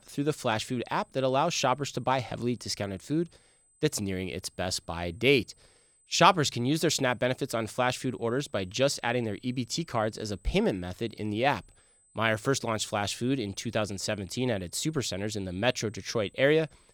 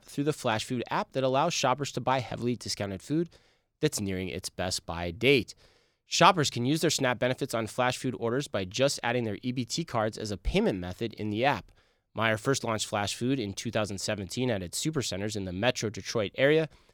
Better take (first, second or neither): second